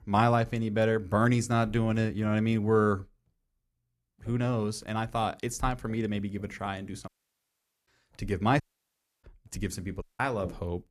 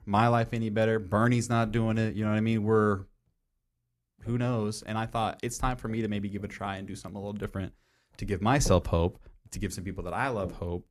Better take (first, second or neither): second